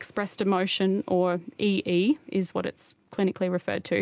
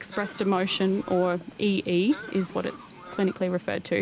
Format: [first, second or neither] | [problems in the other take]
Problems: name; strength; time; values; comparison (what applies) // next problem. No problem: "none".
first | background sound (Cough + Train); 17 dB below the speech